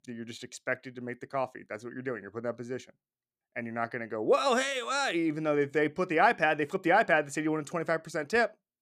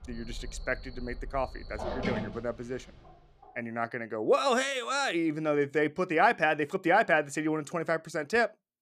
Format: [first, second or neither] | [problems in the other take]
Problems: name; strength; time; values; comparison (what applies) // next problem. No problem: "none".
first | animal sounds; noticeable; until 3 s; 10 dB below the speech